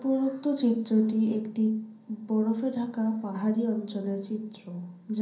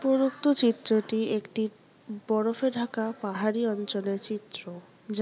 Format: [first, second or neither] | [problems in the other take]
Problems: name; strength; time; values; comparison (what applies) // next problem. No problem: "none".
second | room echo; dies away in 0.6 s